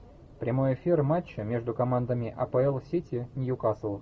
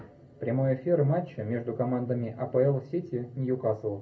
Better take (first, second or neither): first